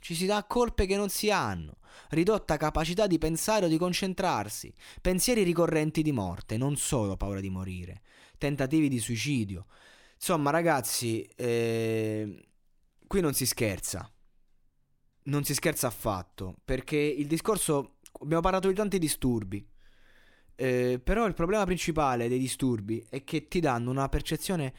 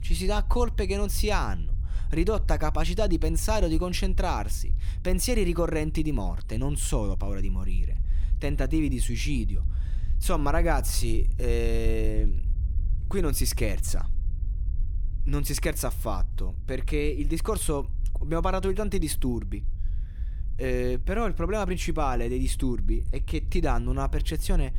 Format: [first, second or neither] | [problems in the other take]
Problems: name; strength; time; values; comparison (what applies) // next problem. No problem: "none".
first | low rumble; faint; throughout; 20 dB below the speech